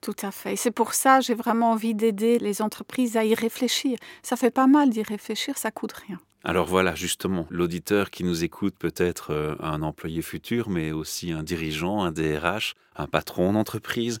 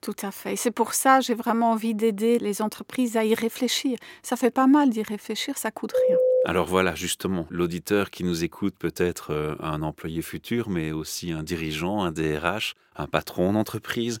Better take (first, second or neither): first